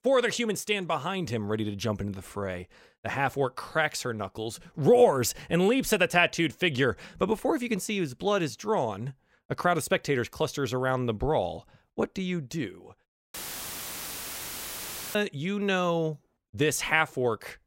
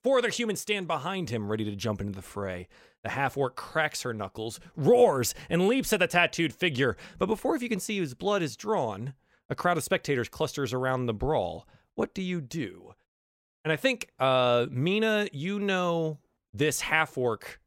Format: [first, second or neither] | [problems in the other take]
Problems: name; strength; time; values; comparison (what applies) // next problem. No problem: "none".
second | audio cutting out; filled with static; at 13 s for 2 s